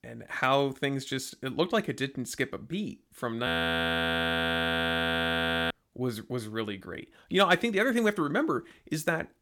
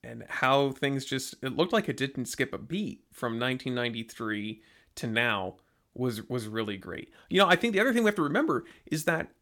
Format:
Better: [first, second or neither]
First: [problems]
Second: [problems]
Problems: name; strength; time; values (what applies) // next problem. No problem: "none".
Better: second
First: audio freezing; at 3.5 s for 2 s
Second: none